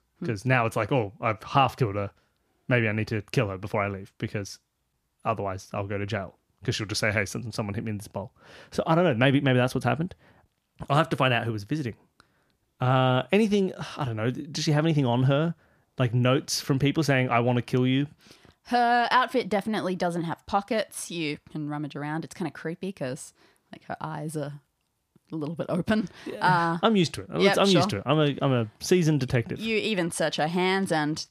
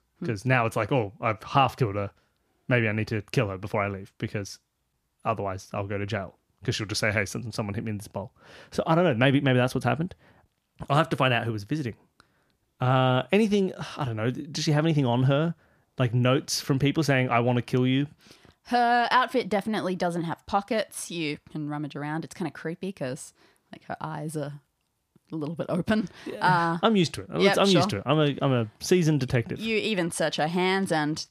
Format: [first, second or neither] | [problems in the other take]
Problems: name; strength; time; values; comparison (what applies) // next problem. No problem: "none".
neither | none